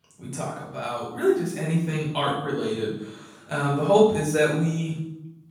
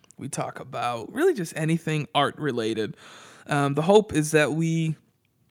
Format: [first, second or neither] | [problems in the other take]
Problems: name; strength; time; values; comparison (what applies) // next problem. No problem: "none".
second | room echo; noticeable; dies away in 0.7 s // off-mic speech; far